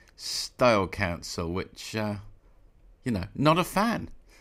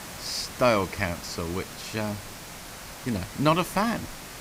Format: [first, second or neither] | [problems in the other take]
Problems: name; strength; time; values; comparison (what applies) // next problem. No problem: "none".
first | hiss; noticeable; throughout; 10 dB below the speech